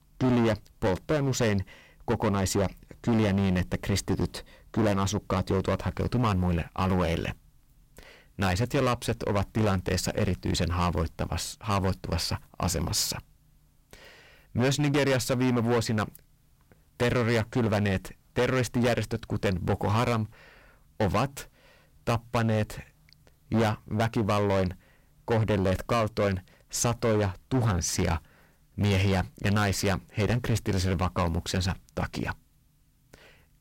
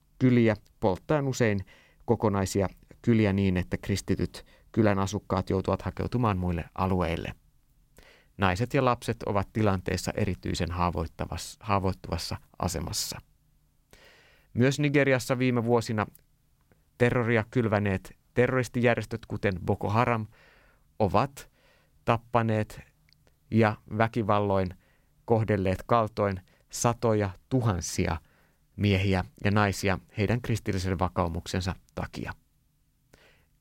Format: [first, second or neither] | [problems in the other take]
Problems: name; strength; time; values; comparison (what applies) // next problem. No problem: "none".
second | distortion; heavy; 12% of the sound clipped